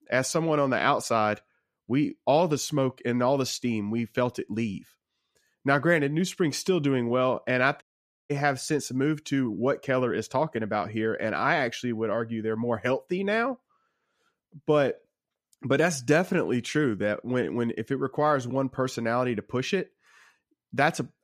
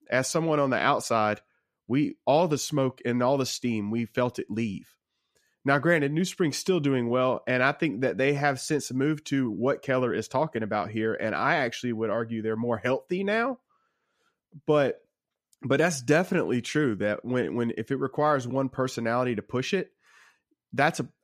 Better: second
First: audio cutting out; at 8 s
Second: none

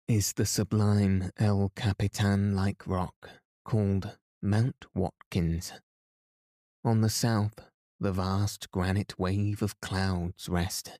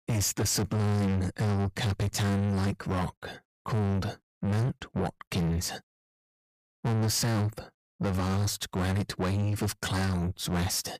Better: first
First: none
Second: distortion; heavy; 6 dB below the speech

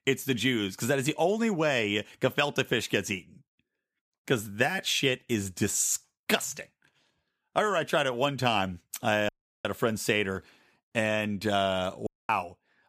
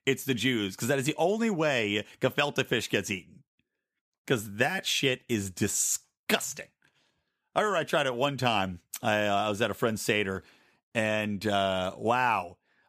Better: second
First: audio cutting out; at 9.5 s and at 12 s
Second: none

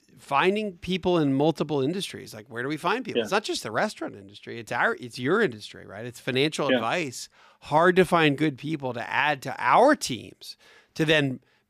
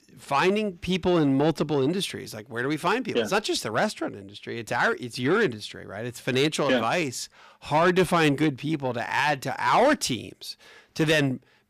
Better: first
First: none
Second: distortion; slight; 10 dB below the speech

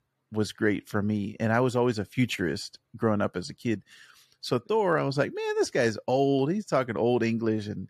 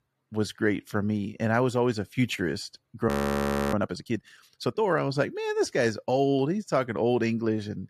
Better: first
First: none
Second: audio freezing; at 3 s for 0.5 s

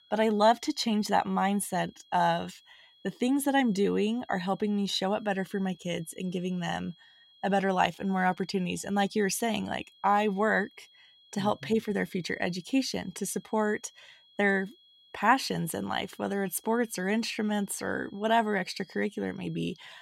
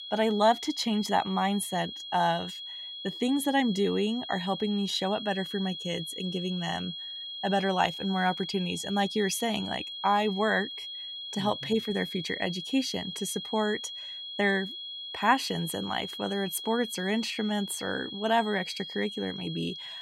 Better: first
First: high-pitched whine; faint; throughout; 3.5 kHz, 30 dB below the speech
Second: high-pitched whine; loud; throughout; 3.5 kHz, 8 dB below the speech

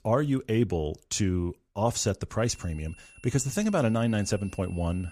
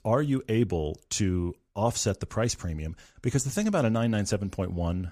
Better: second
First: high-pitched whine; faint; from 2.5 s on; 2.5 kHz, 25 dB below the speech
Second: none

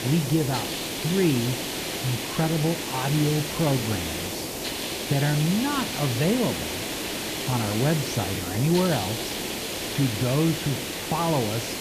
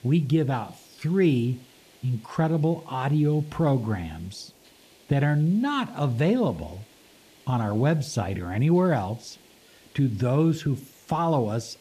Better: second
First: hiss; loud; throughout; 3 dB below the speech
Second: hiss; faint; throughout; 30 dB below the speech

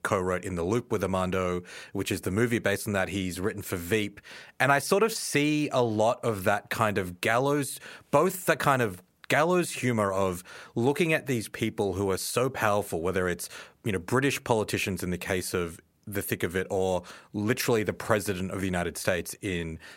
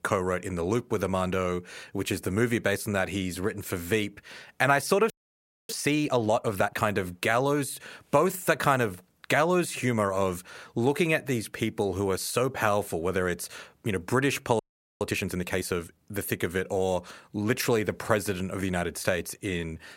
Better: first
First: none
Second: audio freezing; at 5 s for 0.5 s and at 15 s

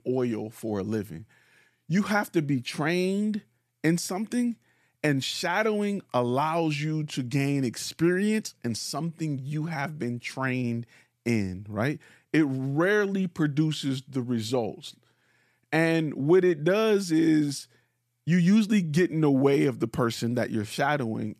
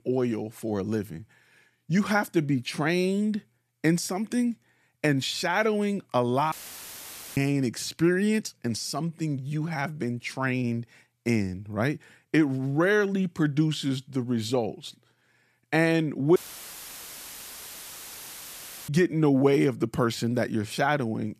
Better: first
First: none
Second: audio cutting out; filled with static; at 6.5 s for 1 s and at 16 s for 2.5 s

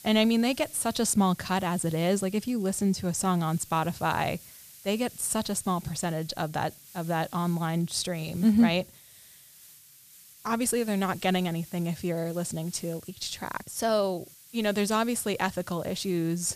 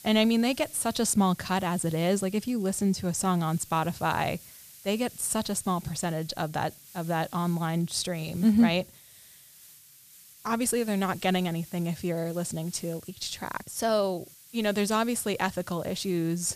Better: neither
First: hiss; noticeable; throughout; 20 dB below the speech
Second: hiss; noticeable; throughout; 20 dB below the speech

